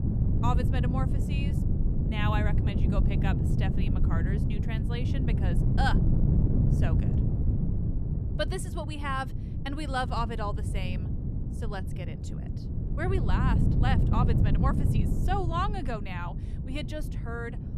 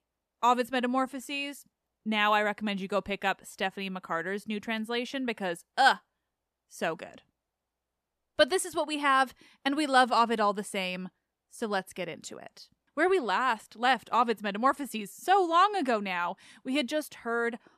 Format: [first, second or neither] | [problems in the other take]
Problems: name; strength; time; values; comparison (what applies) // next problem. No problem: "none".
second | wind noise on the microphone; heavy; 5 dB below the speech